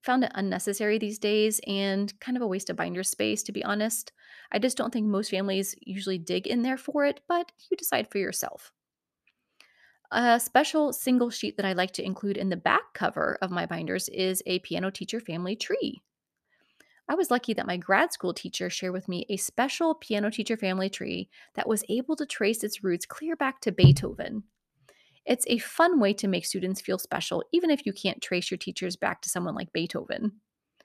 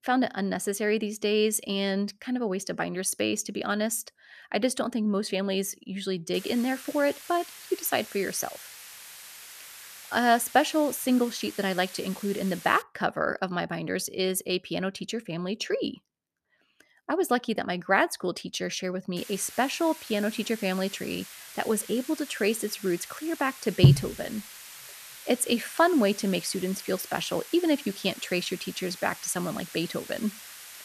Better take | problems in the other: first | hiss; noticeable; from 6.5 to 13 s and from 19 s on; 15 dB below the speech

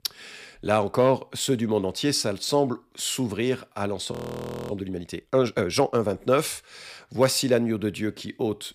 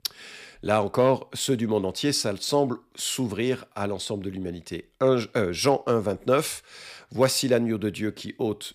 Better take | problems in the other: second | audio freezing; at 4 s for 0.5 s

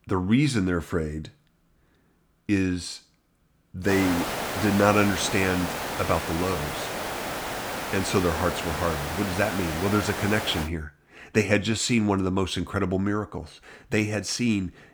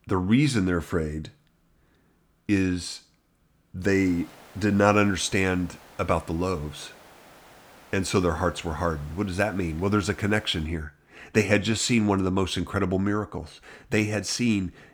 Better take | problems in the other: second | hiss; loud; from 4 to 11 s; 5 dB below the speech; faint in the second

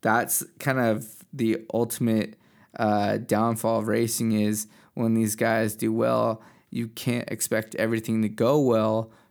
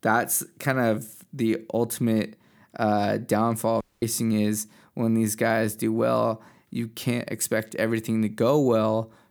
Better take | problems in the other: first | audio cutting out; at 4 s

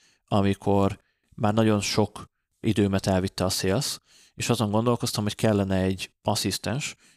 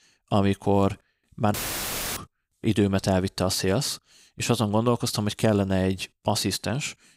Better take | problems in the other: first | audio cutting out; filled with static; at 1.5 s for 0.5 s

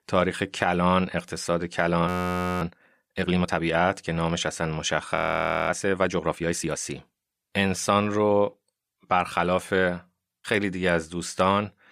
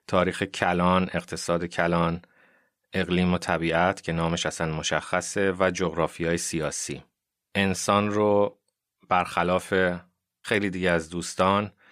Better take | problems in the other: second | audio freezing; at 2 s for 0.5 s and at 5 s for 0.5 s

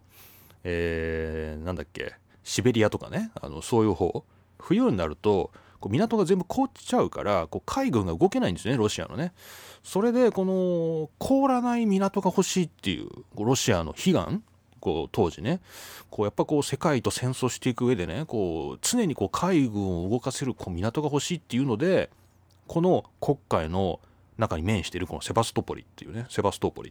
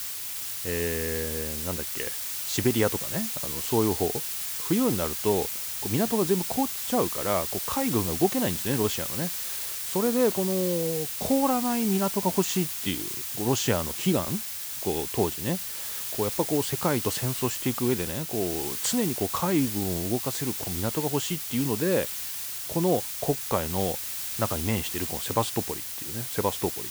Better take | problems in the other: first | hiss; loud; throughout; 2 dB below the speech

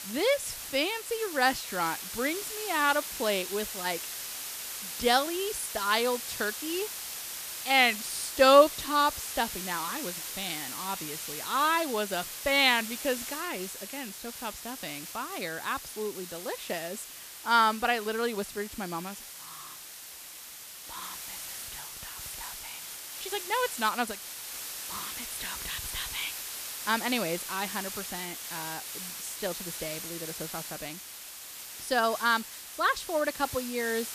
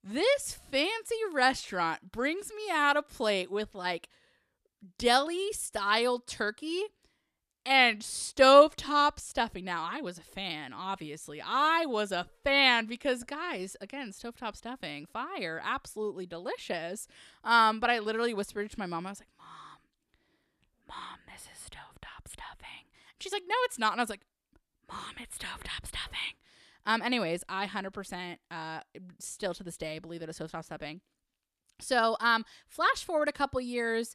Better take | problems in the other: second | hiss; loud; throughout; 8 dB below the speech

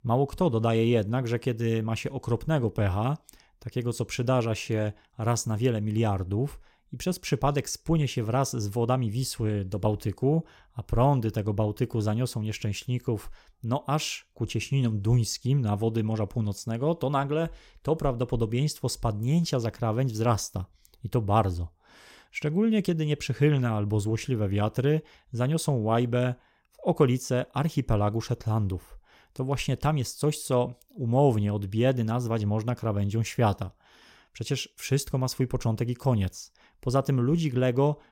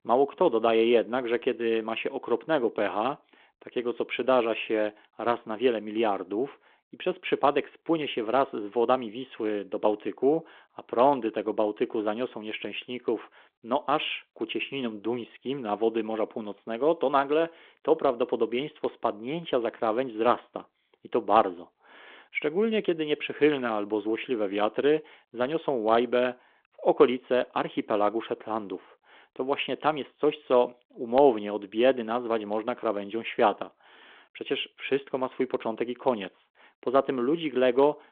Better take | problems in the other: first | phone-call audio

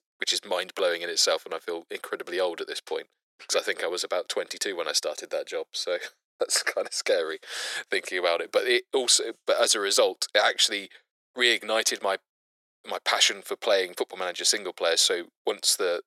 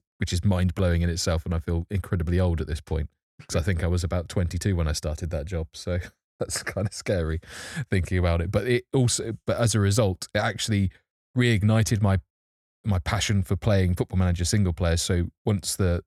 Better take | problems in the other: second | thin; very; fading below 400 Hz

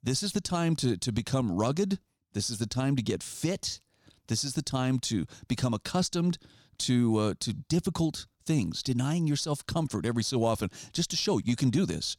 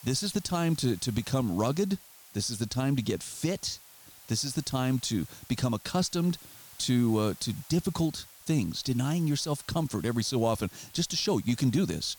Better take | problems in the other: first | hiss; noticeable; throughout; 20 dB below the speech

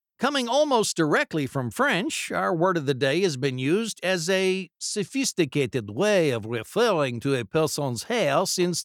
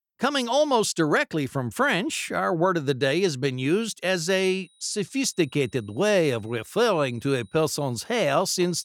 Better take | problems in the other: first | high-pitched whine; faint; from 4 s on; 4 kHz, 35 dB below the speech

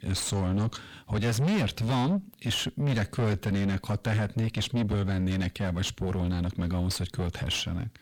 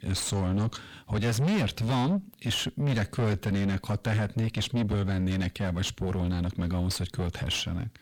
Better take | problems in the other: neither | distortion; heavy; 5 dB below the speech; the same in both

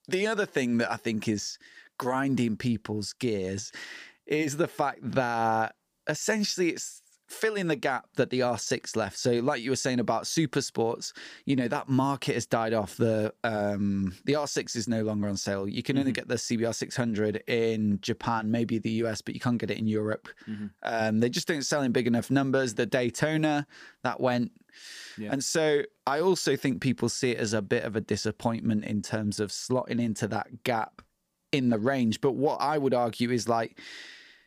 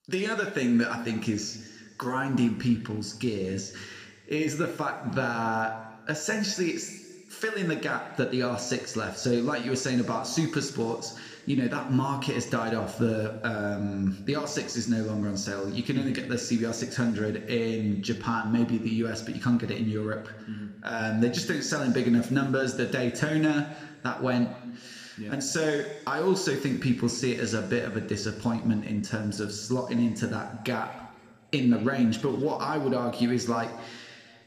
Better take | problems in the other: first | room echo; slight; dies away in 1.7 s

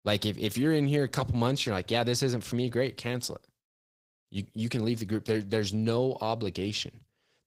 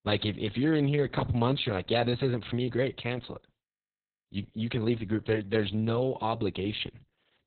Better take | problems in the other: first | garbled, watery; badly; nothing above 4 kHz; slightly in the first

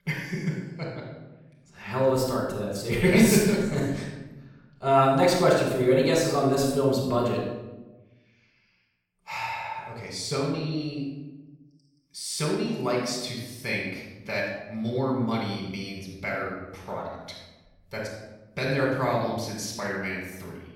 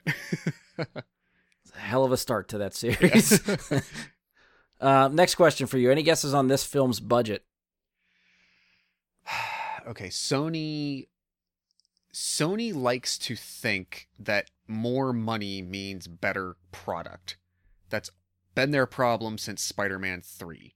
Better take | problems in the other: second | room echo; noticeable; dies away in 1 s // off-mic speech; far

